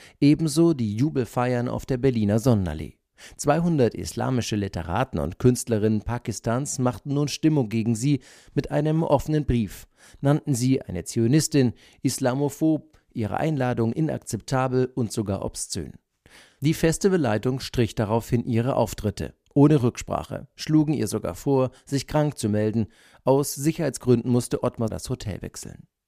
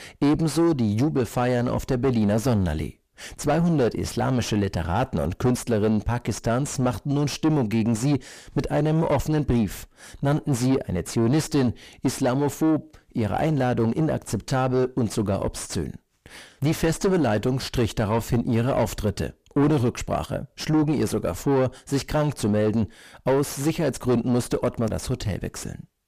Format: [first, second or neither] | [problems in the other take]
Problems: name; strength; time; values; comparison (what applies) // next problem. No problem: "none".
first | distortion; heavy; 5 dB below the speech